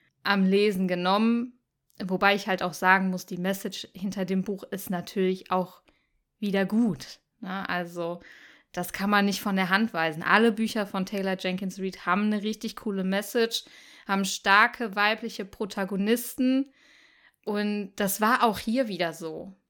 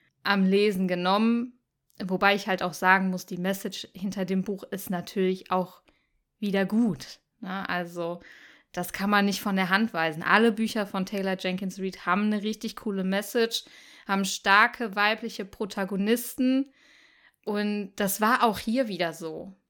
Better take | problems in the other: neither | none

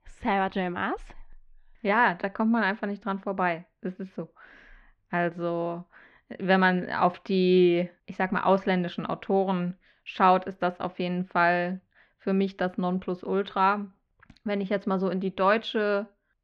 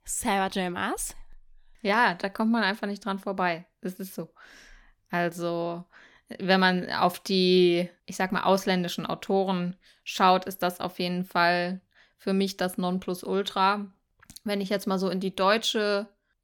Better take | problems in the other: second | muffled; slightly; fading above 2.5 kHz

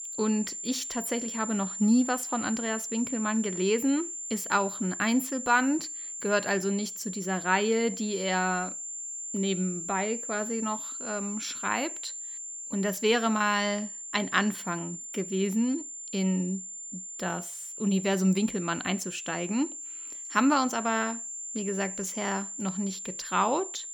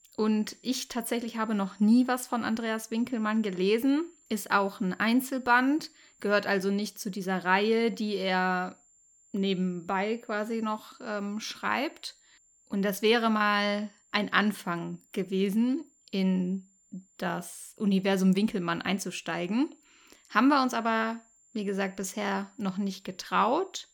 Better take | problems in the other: second | high-pitched whine; loud; throughout; 7.5 kHz, 6 dB below the speech; faint in the second

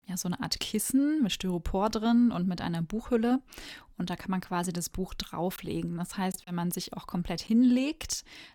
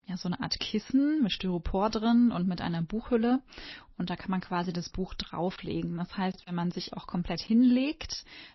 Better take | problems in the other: first | garbled, watery; slightly; nothing above 5.5 kHz

